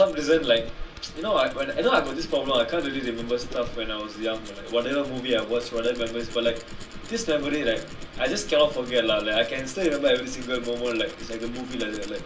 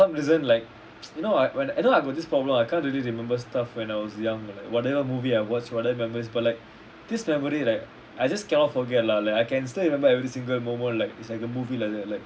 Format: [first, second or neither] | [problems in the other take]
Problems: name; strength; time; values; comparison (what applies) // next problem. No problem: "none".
second | background sound (Tools); 12 dB below the speech // room echo; dies away in 0.2 s